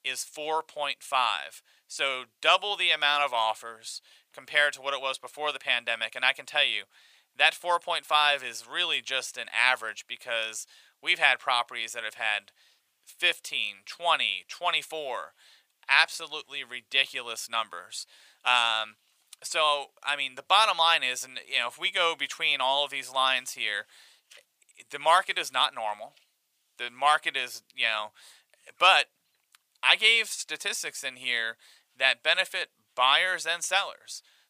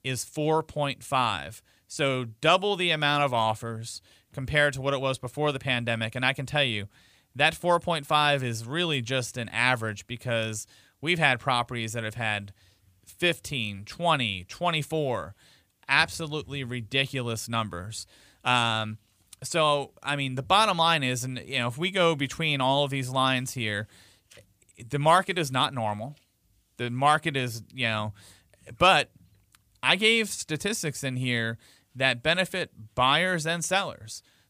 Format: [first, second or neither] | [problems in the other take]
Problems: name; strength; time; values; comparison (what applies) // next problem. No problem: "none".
second | thin; very; fading below 800 Hz